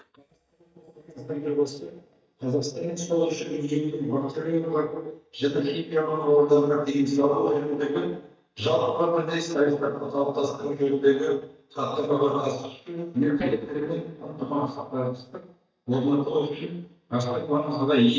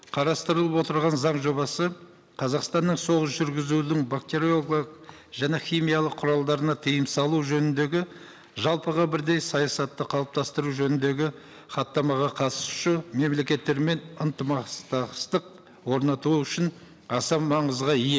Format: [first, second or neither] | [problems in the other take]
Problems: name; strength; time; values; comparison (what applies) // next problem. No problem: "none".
second | noise reduction (neural mask model DeepFilterNet 3)